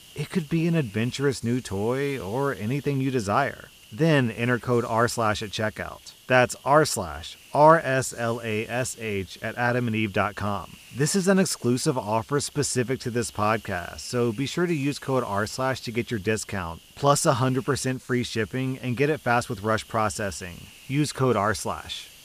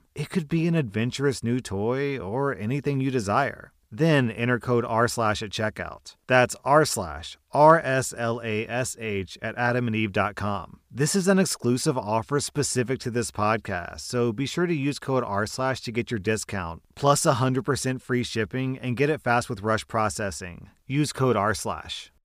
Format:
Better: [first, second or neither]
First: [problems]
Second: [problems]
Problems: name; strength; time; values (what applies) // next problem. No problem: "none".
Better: second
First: hiss; faint; throughout; 20 dB below the speech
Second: none